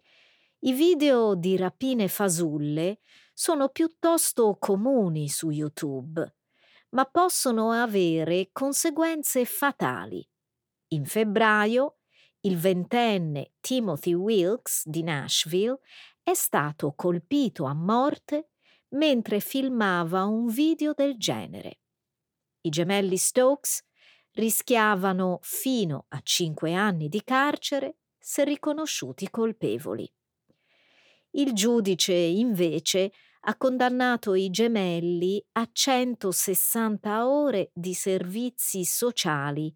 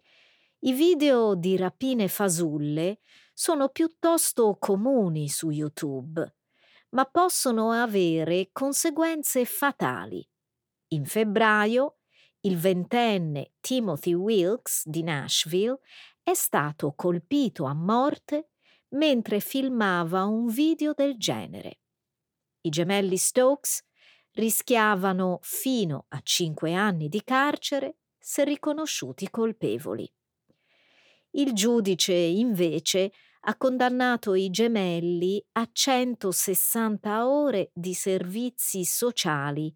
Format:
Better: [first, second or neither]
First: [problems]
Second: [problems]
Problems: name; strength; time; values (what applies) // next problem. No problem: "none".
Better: neither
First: none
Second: none